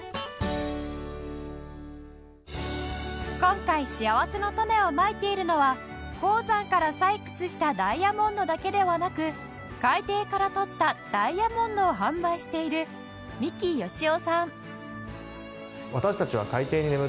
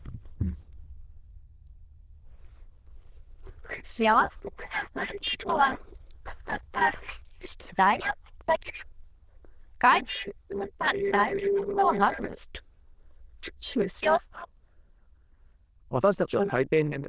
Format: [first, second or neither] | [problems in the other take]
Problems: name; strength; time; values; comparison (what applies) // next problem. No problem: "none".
first | noise reduction (neural diffusion model UNIVERSE++)